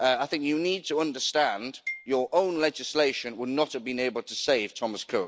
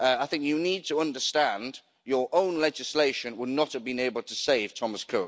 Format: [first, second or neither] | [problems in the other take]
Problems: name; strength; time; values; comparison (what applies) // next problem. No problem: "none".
second | background sound (Marimba, xylophone); 16 dB below the speech